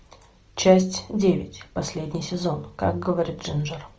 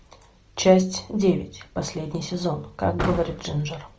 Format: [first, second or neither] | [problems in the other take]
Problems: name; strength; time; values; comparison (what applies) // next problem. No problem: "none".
first | background sound (Slam / Car); 12 dB below the speech